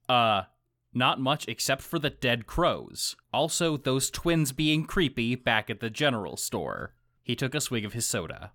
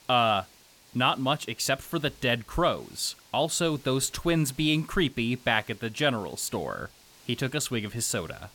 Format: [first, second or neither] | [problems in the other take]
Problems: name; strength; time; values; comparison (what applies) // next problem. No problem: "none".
first | hiss; faint; throughout; 25 dB below the speech